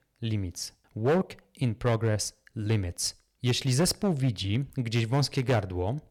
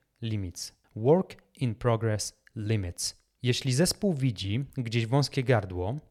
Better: second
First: distortion; slight; 5% of the sound clipped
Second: none

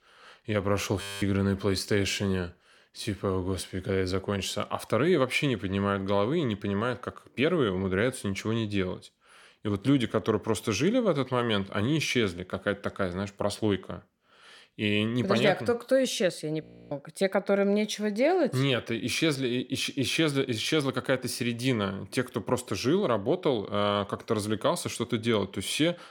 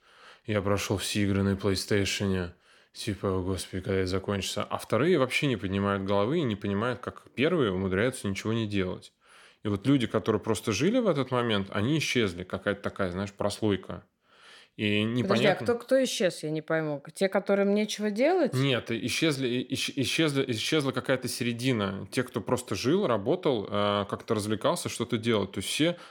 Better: second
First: audio freezing; at 1 s and at 17 s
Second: none

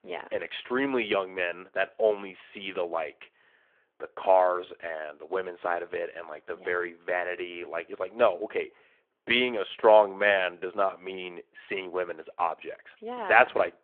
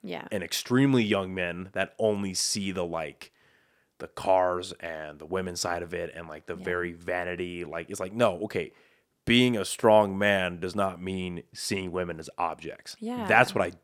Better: second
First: phone-call audio; nothing above 3.5 kHz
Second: none

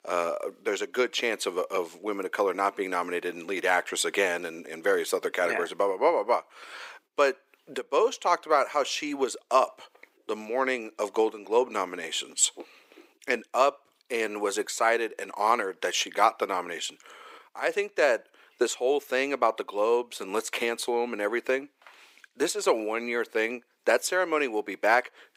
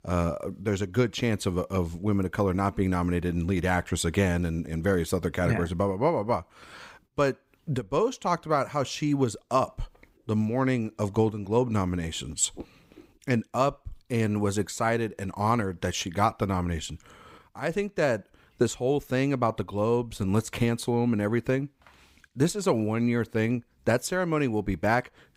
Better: second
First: thin; very; fading below 350 Hz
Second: none

